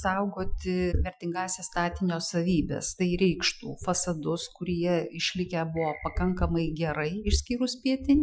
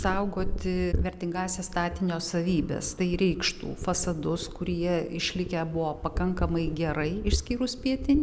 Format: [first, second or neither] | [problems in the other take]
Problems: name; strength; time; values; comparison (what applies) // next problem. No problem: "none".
second | noise reduction (classical method Wiener filter)